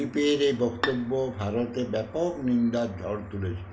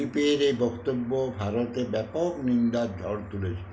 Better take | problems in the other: second | background sound (Bowed string instrument); 12 dB below the speech

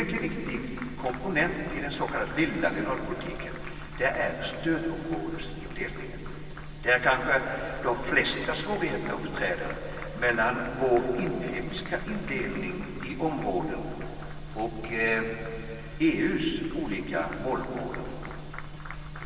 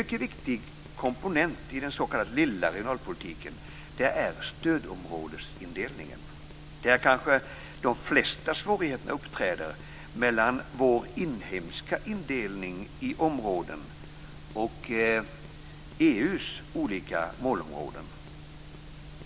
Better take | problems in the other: second | background sound (Applause); 18 dB below the speech // room echo; dies away in 2.6 s

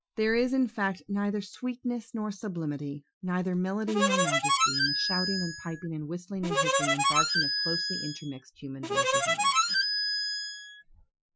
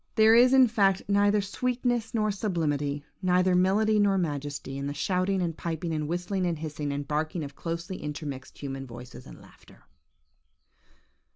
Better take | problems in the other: second | noise reduction (classical method Wiener filter)

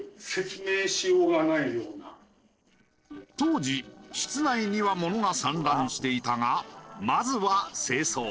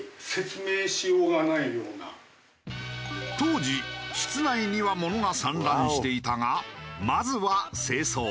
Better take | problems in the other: second | noise reduction (neural separator model SepFormer DNS4)

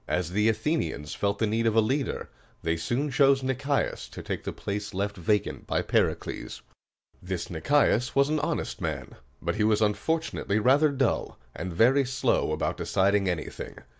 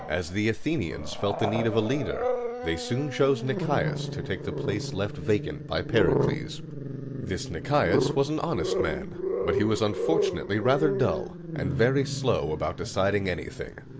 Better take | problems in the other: first | background sound (Growling); 3 dB below the speech

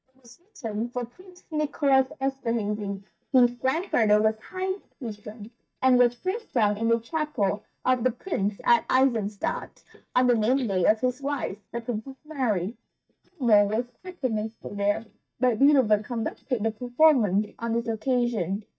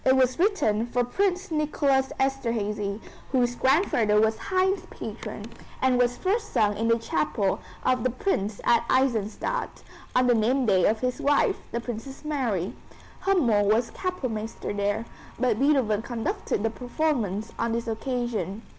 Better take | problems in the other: second | noise reduction (neural mask model DeepFilterNet 3)

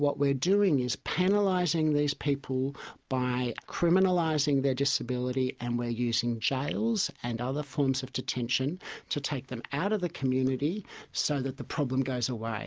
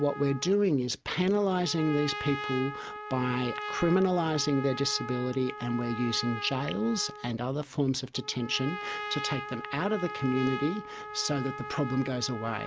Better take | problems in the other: first | background sound (Trumpet); 10 dB below the speech

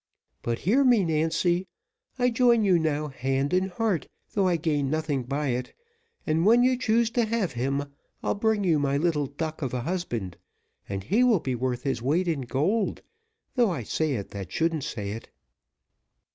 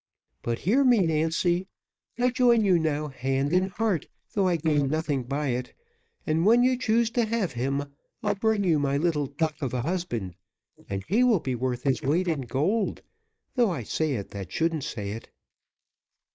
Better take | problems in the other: first | noise reduction (neural mask model Resemble Enhance denoiser)

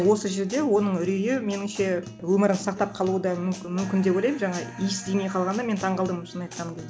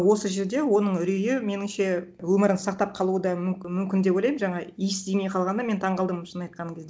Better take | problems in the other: second | background sound (Guitar); 15 dB below the speech

